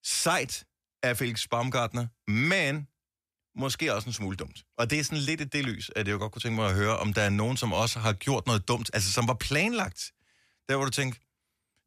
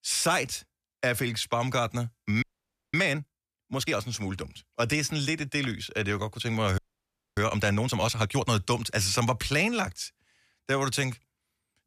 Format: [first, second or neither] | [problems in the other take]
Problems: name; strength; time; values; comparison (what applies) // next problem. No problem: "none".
first | audio freezing; at 2.5 s for 0.5 s and at 7 s for 0.5 s